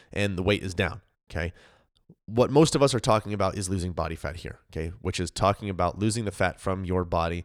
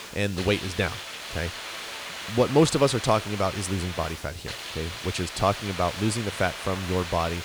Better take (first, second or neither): first